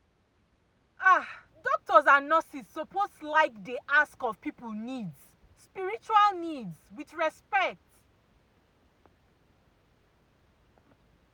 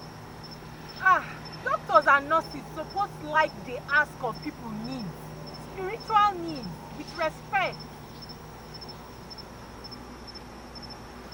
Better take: first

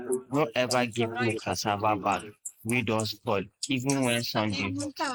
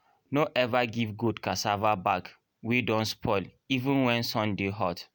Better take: second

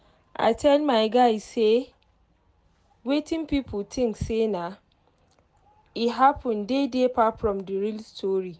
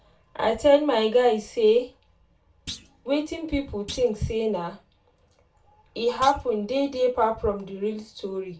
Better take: first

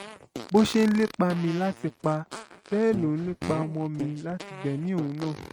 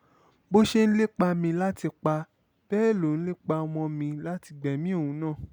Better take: second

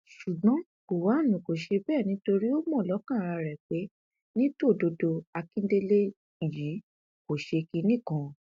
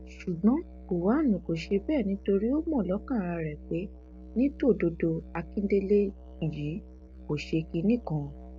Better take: first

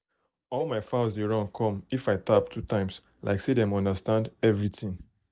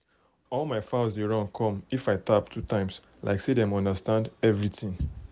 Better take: second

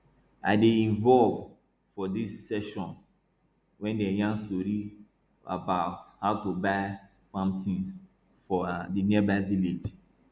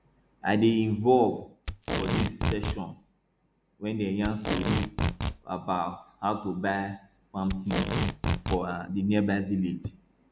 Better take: first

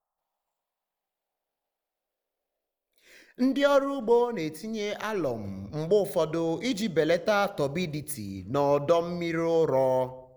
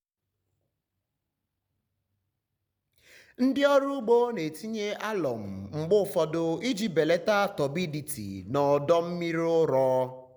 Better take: second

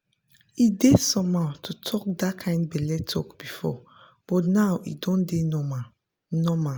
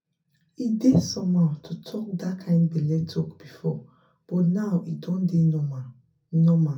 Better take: first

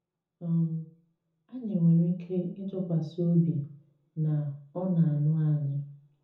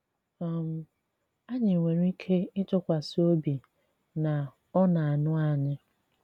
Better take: second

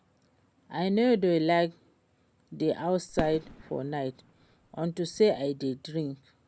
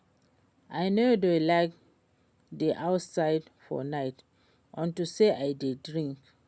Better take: second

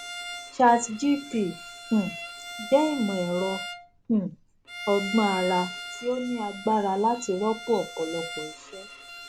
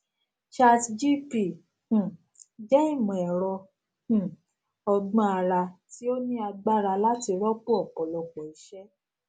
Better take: second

